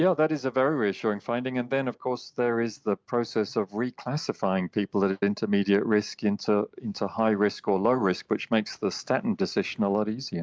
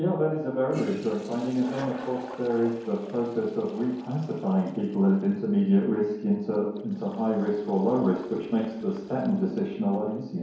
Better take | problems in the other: first | background sound (Toilet flush); 19 dB below the speech // room echo; dies away in 1 s

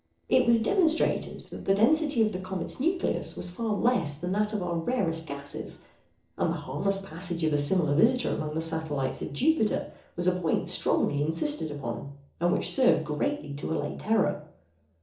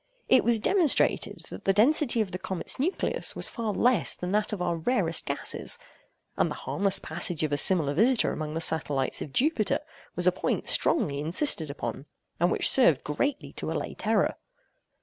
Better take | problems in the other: second | noise reduction (neural separator model SepFormer DNS4)

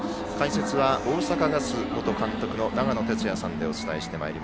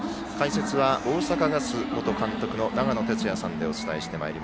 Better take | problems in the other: second | background sound (Doorbell); 11 dB below the speech

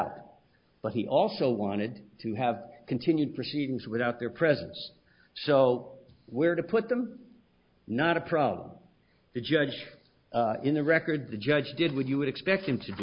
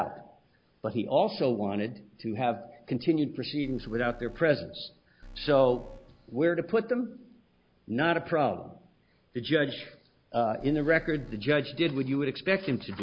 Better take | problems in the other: first | background sound (Alarm); 19 dB below the speech

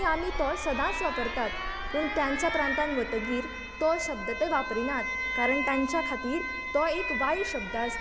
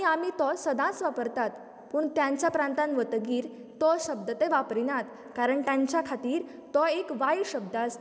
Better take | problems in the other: second | background sound (Alarm); 3 dB below the speech

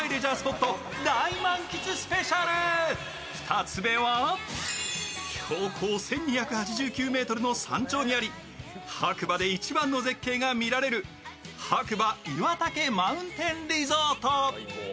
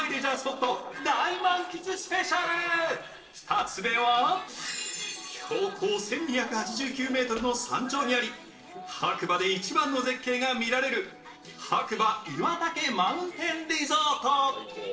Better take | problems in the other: first | noise reduction (neural separator model SepFormer DNS4)

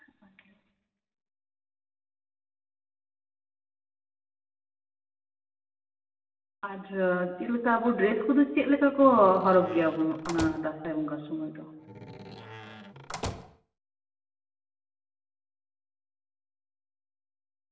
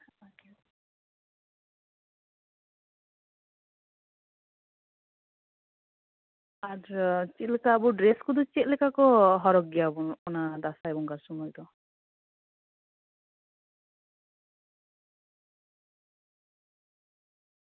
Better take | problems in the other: second | background sound (Slam); 11 dB below the speech // room echo; dies away in 1.1 s

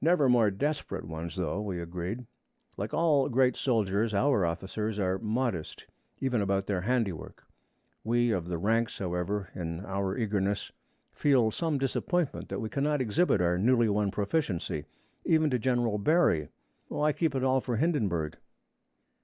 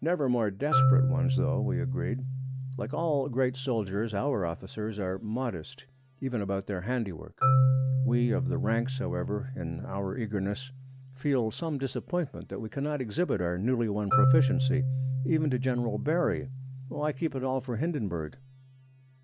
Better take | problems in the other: first | background sound (Marimba, xylophone); as loud as the speech

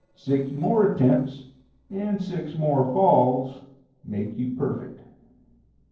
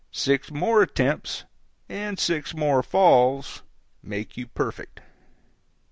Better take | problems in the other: second | noise reduction (neural separator model SepFormer DNS4)

